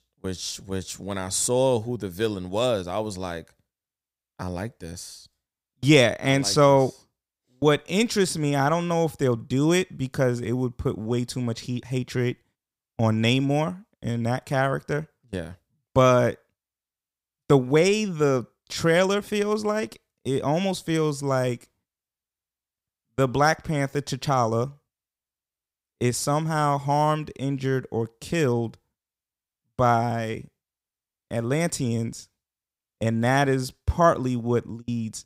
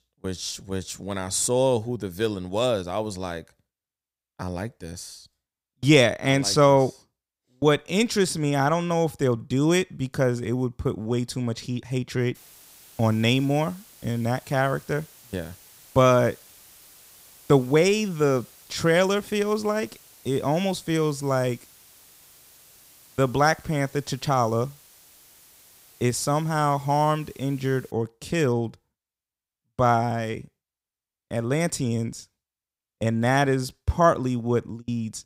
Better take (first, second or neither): first